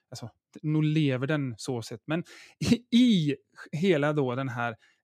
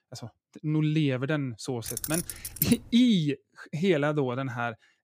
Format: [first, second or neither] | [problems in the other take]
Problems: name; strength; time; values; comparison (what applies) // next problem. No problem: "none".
first | jangling keys; noticeable; at 2 s; peak 3 dB below the speech